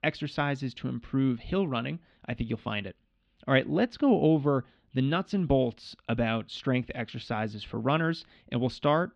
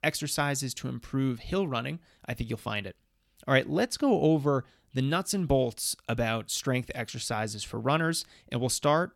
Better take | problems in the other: second | muffled; slightly; fading above 3.5 kHz

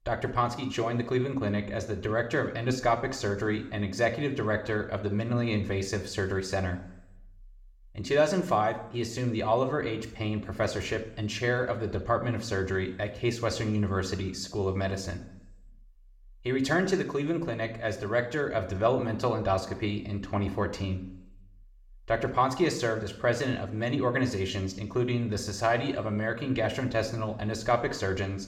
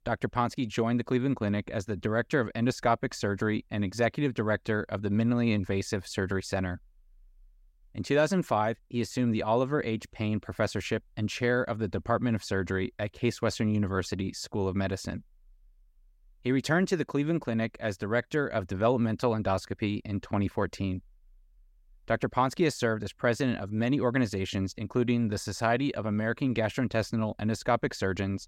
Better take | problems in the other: second | room echo; very slight; dies away in 0.6 s

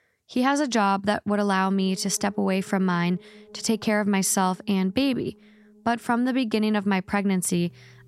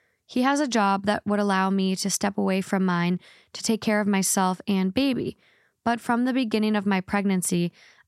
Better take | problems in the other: second | background music; faint; from 2 s on; 25 dB below the speech

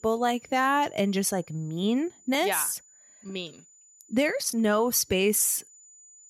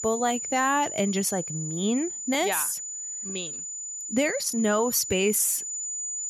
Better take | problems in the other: first | high-pitched whine; loud; throughout; 7 kHz, 6 dB below the speech; faint in the first

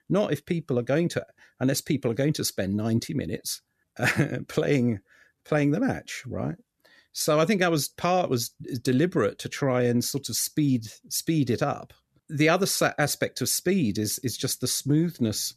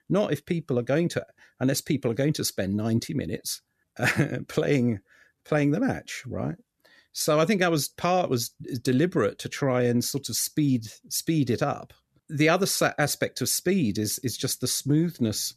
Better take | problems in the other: neither | none

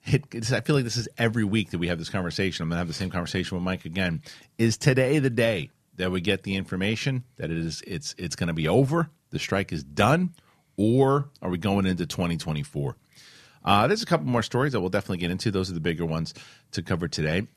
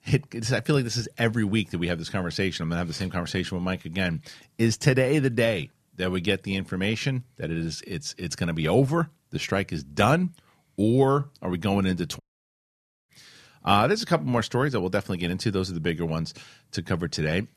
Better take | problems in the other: first | audio cutting out; at 12 s for 1 s

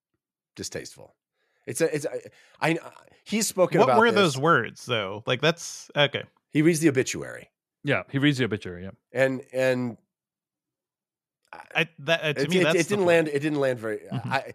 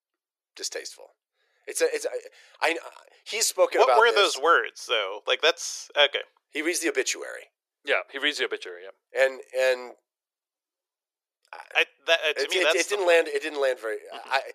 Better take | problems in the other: first | thin; very; fading below 400 Hz

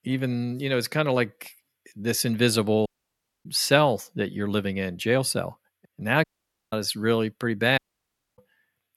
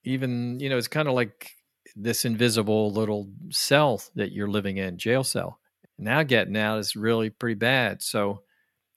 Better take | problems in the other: second | audio cutting out; at 3 s for 0.5 s, at 6 s and at 8 s for 0.5 s

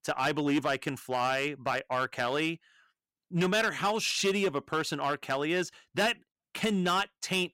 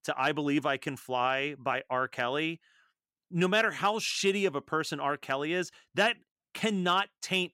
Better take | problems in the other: second | distortion; slight; 7% of the sound clipped

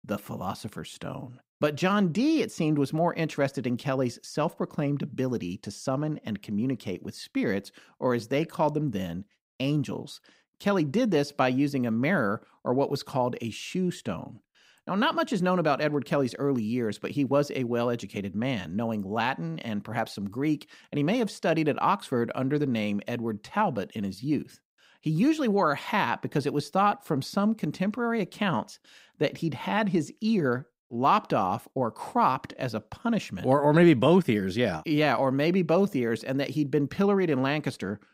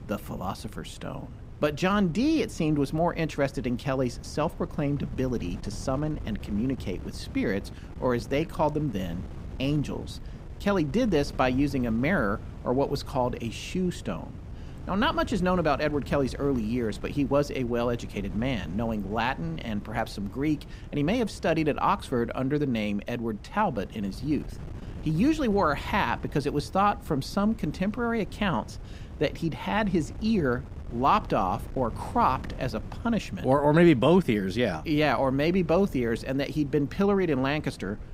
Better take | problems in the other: first | wind noise on the microphone; occasional gusts; 20 dB below the speech

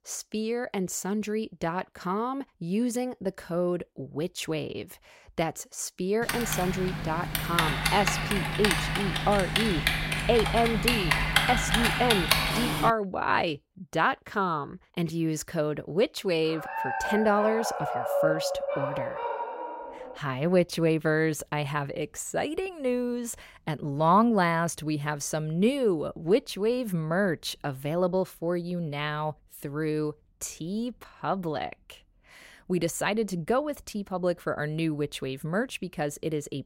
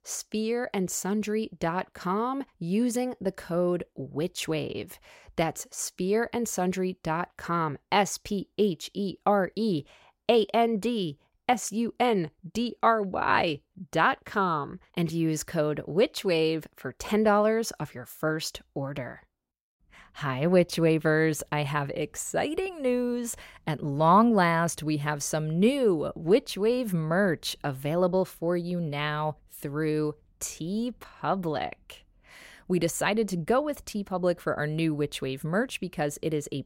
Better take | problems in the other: second | keyboard typing; loud; from 6 to 13 s; peak 6 dB above the speech // dog barking; loud; from 17 to 20 s; peak 2 dB above the speech

